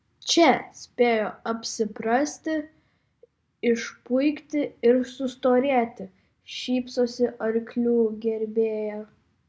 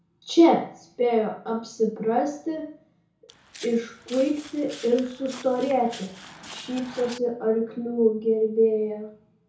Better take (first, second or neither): first